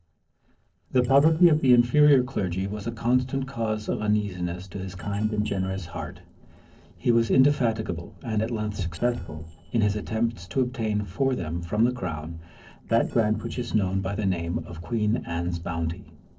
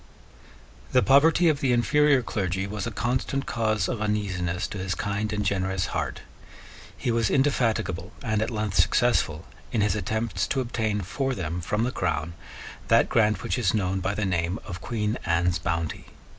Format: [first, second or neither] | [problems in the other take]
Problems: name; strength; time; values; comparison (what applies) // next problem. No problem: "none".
second | noise reduction (neural separator model SepFormer DNS4)